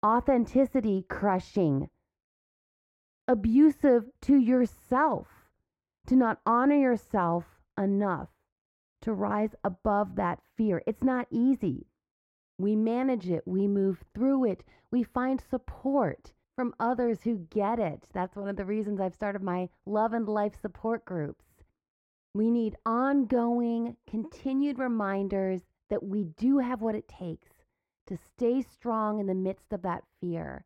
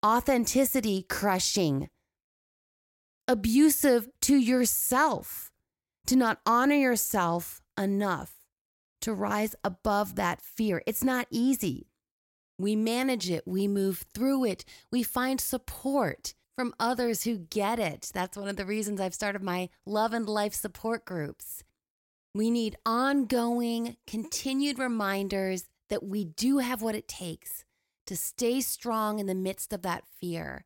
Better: second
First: muffled; very; fading above 3 kHz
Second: none

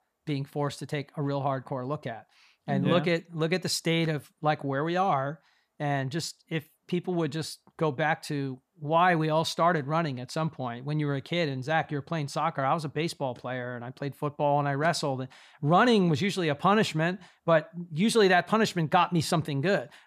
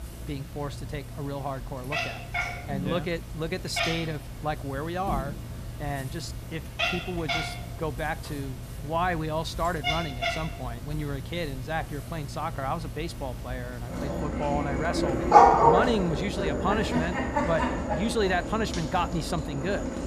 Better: first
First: none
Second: animal sounds; very loud; throughout; 3 dB above the speech

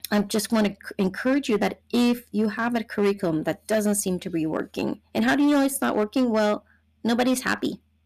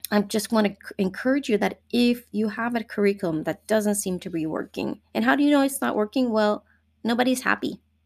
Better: second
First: distortion; slight; 7% of the sound clipped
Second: none

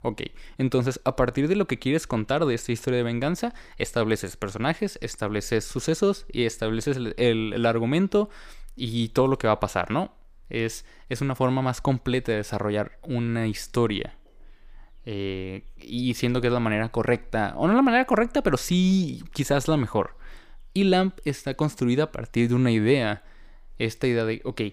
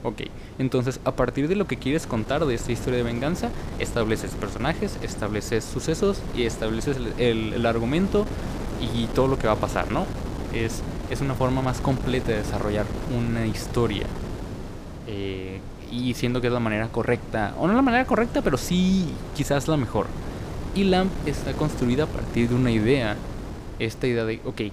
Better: first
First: none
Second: wind noise on the microphone; occasional gusts; 10 dB below the speech

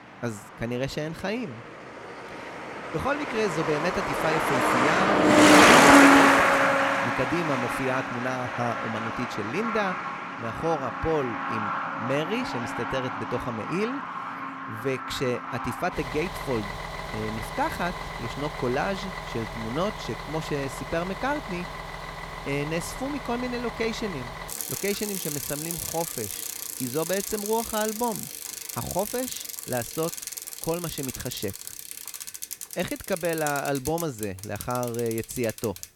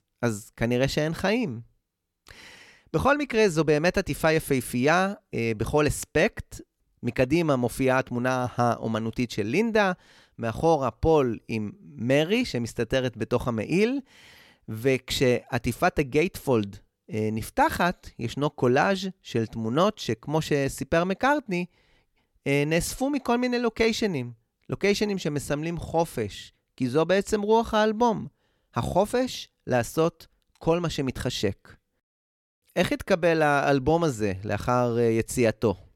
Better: second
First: traffic noise; very loud; throughout; 5 dB above the speech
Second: none

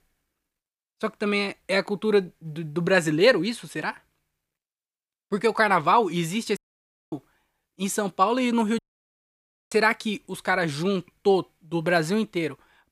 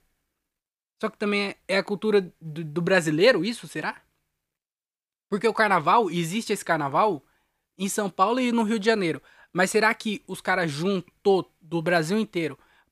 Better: second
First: audio cutting out; at 6.5 s for 0.5 s and at 9 s for 1 s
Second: none

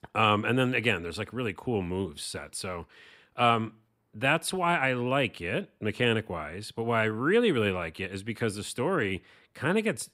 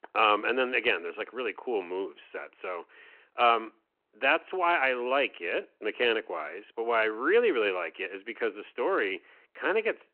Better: first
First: none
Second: phone-call audio

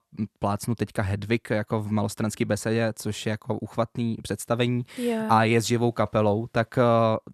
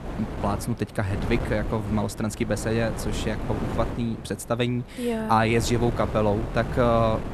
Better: first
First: none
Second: wind noise on the microphone; occasional gusts; 10 dB below the speech

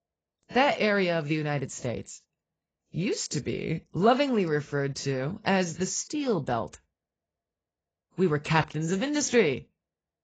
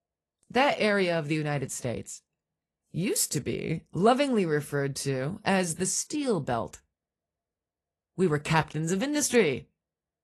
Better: second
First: garbled, watery; badly; nothing above 7.5 kHz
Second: garbled, watery; slightly; nothing above 12 kHz

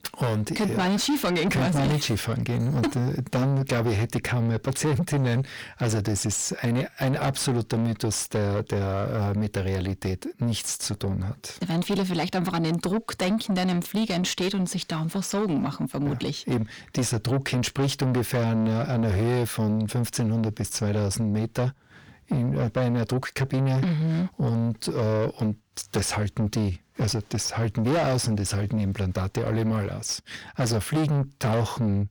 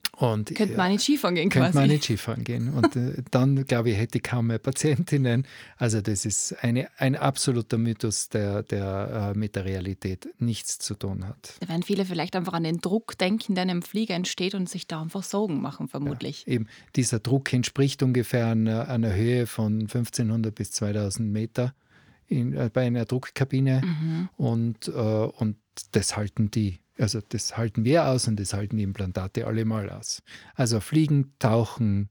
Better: second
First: distortion; heavy; 7 dB below the speech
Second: none

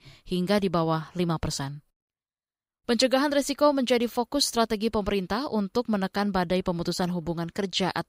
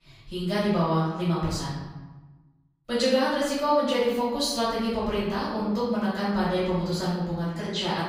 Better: first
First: none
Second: off-mic speech; far // room echo; noticeable; dies away in 1 s

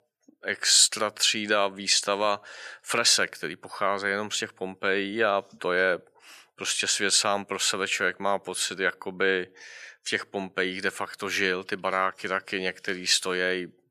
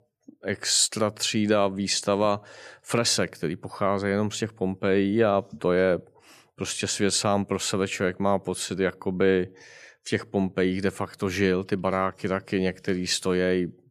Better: second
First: thin; somewhat; fading below 950 Hz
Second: none

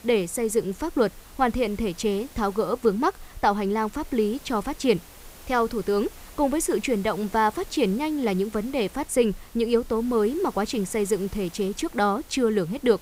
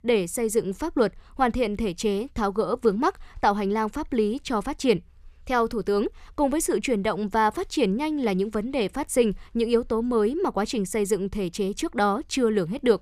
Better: second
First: hiss; faint; throughout; 20 dB below the speech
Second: none

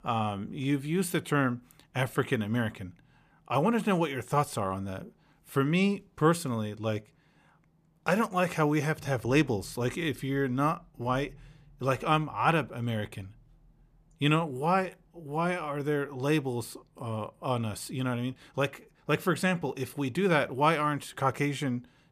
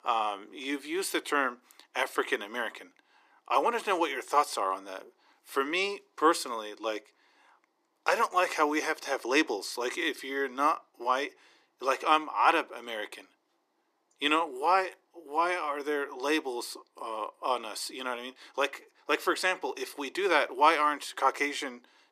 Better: first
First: none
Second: thin; very; fading below 300 Hz

